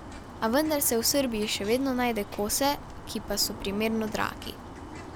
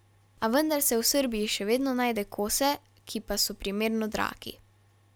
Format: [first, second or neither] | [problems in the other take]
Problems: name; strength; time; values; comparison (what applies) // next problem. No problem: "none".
second | background sound (Bird); 12 dB below the speech